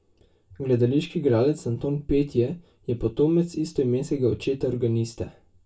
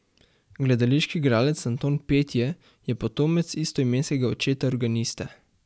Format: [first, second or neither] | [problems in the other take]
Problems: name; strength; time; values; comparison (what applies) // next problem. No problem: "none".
second | room echo; dies away in 0.2 s